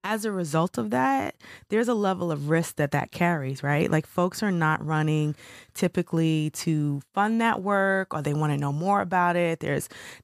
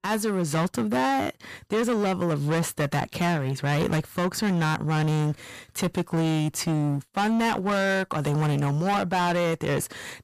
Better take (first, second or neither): first